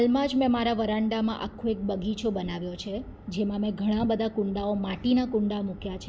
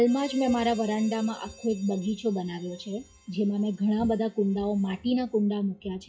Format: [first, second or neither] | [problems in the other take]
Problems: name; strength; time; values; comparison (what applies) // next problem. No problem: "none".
first | noise reduction (classical method WPE with log-MMSE)